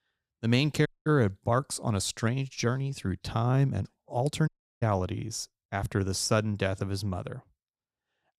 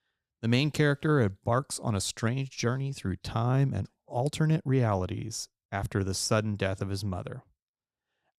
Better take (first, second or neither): second